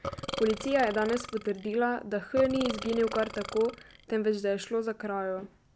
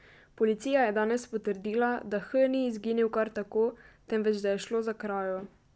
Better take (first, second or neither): second